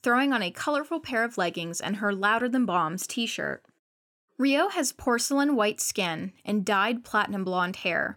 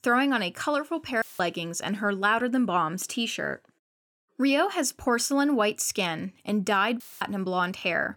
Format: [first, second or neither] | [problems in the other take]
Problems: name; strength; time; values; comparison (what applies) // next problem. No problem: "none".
first | audio cutting out; filled with static; at 1 s and at 7 s